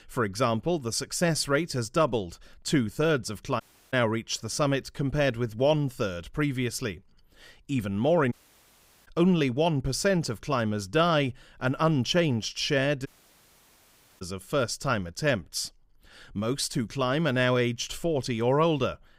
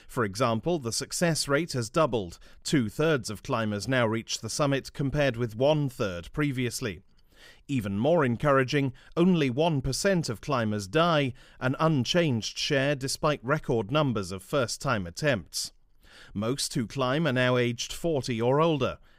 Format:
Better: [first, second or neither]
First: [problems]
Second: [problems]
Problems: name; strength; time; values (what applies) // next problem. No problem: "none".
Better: second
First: audio cutting out; at 3.5 s, at 8.5 s for 1 s and at 13 s for 1 s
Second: none